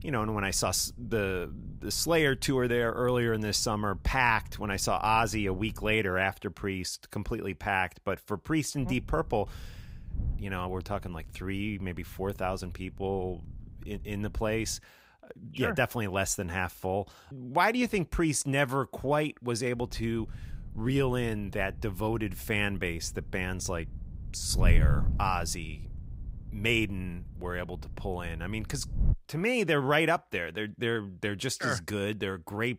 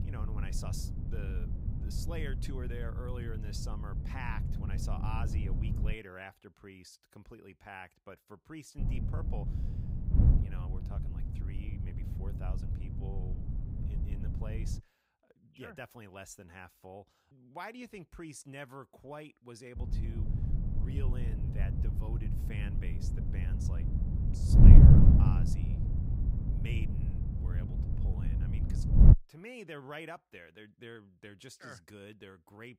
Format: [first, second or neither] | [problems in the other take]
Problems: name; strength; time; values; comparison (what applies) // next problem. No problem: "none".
first | wind noise on the microphone; heavy; until 6 s, from 9 to 15 s and from 20 to 29 s; 4 dB above the speech; occasional gusts in the first